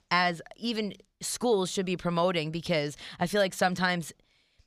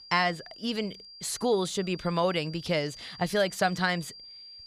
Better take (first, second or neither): first